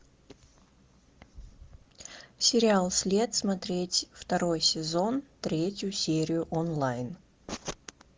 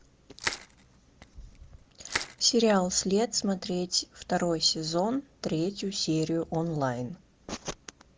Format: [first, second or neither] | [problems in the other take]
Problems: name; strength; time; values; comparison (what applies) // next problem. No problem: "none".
first | background sound (Crushing); 10 dB below the speech